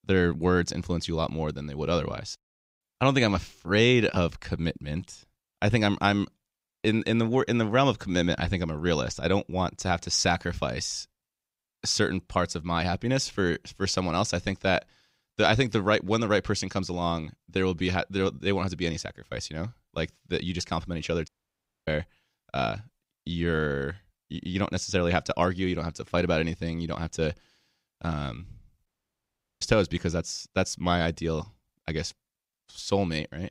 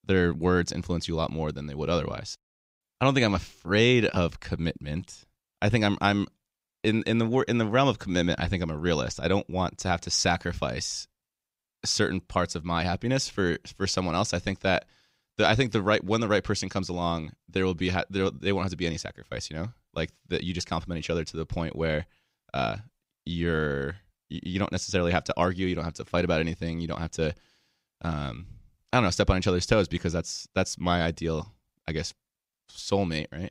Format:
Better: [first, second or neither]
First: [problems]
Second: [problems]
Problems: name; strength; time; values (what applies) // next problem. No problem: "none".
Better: second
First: audio cutting out; at 21 s for 0.5 s and at 29 s for 1 s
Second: none